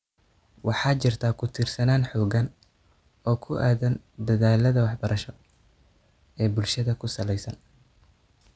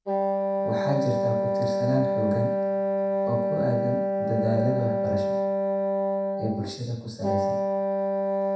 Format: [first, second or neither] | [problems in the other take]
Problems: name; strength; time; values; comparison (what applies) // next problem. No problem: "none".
first | background sound (Wind instrument, woodwind instrument); 5 dB above the speech // room echo; dies away in 0.7 s